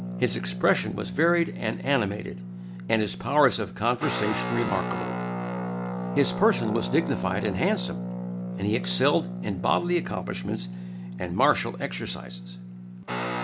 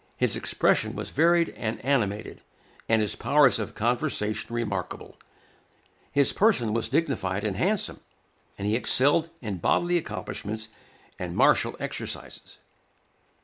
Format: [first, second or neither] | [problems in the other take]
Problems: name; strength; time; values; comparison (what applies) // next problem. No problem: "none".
second | background sound (Guitar); 5 dB below the speech